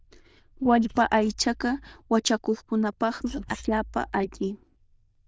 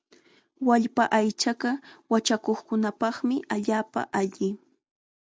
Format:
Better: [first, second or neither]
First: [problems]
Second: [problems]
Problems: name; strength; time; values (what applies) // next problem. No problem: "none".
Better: second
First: noise reduction (neural diffusion model UNIVERSE++)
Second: none